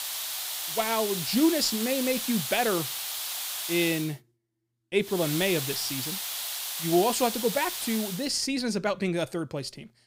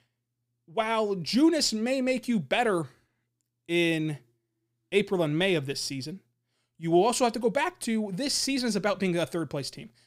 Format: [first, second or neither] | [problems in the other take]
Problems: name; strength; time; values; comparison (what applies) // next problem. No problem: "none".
second | hiss; loud; until 4 s and from 5 to 8 s; 3 dB below the speech